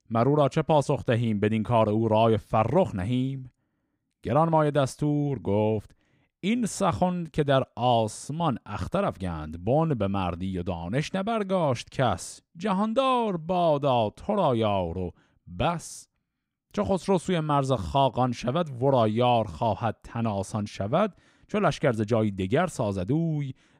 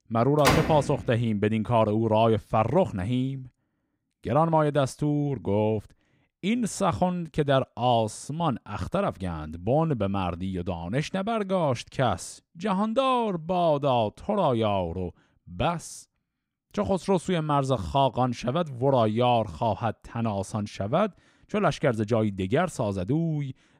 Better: first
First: none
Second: door banging; loud; at 0.5 s; peak 2 dB above the speech

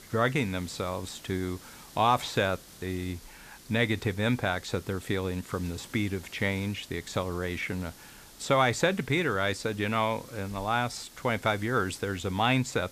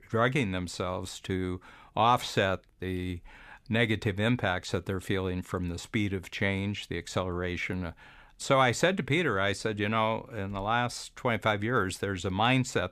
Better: second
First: hiss; noticeable; throughout; 20 dB below the speech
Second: none

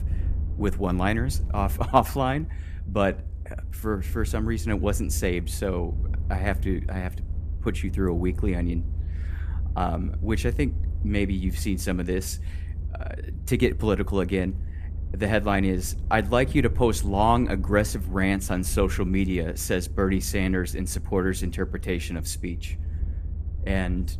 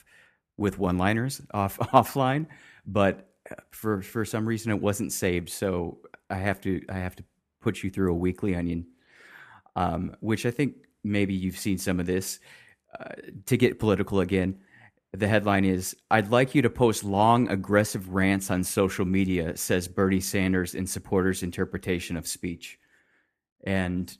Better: second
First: low rumble; faint; throughout; 20 dB below the speech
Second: none

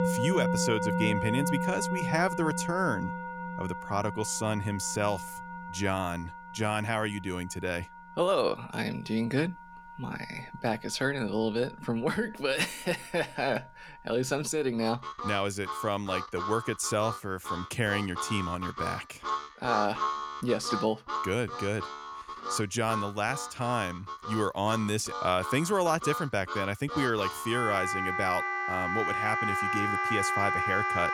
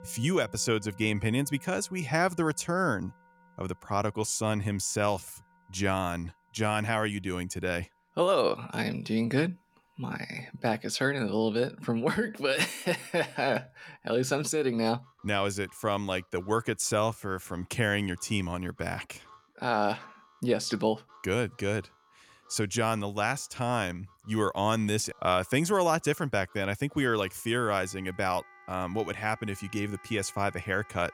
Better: second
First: background music; loud; throughout; 3 dB below the speech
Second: background music; faint; throughout; 25 dB below the speech

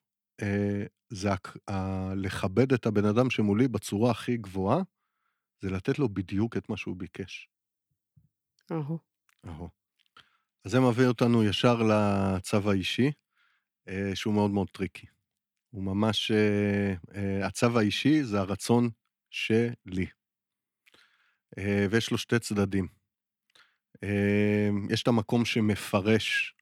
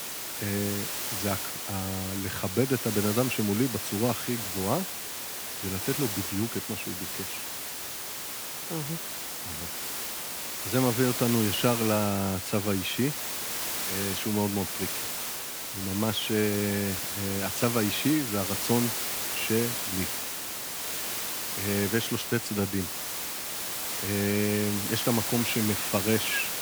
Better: first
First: none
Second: hiss; loud; throughout; 1 dB below the speech

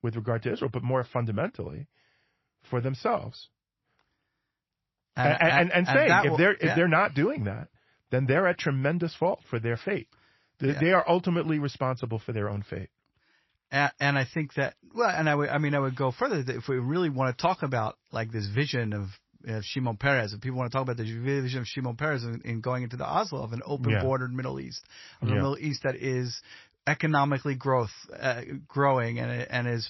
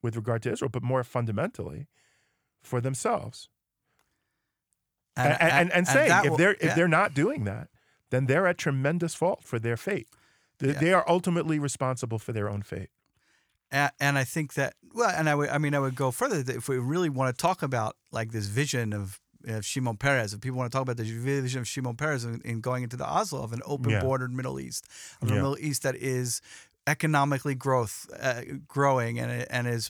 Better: second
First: garbled, watery; slightly; nothing above 5.5 kHz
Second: none

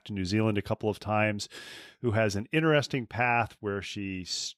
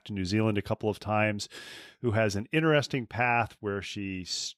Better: neither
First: none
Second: none

